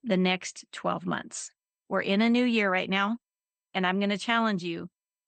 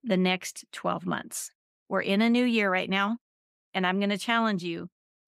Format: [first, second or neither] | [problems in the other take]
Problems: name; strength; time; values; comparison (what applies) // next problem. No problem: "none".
second | garbled, watery; slightly; nothing above 8.5 kHz